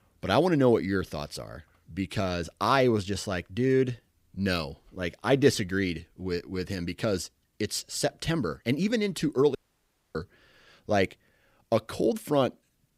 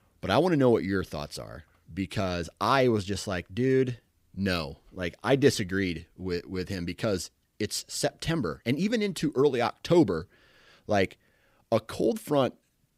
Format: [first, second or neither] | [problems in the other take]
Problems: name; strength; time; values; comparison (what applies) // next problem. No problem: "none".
second | audio cutting out; at 9.5 s for 0.5 s